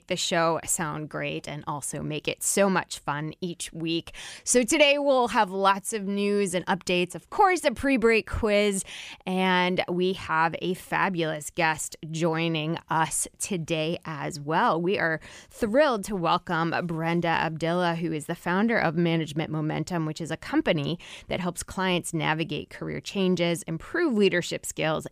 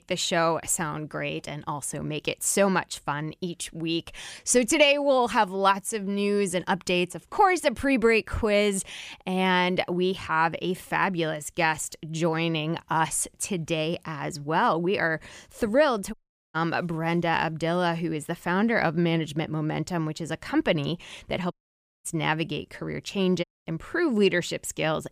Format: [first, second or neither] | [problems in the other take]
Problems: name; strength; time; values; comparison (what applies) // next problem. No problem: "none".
first | audio cutting out; at 16 s, at 22 s for 0.5 s and at 23 s